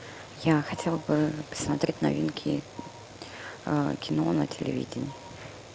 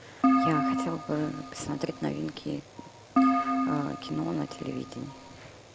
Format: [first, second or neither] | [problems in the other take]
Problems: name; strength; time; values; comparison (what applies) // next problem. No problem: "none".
first | background sound (Keyboard (musical)); 5 dB above the speech